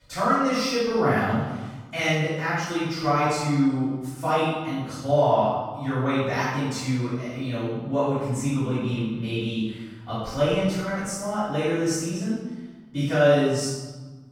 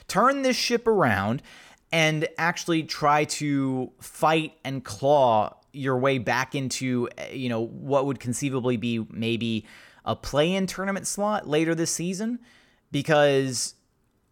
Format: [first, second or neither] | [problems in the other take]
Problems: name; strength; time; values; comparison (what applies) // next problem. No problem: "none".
second | off-mic speech; far // room echo; strong; dies away in 1.2 s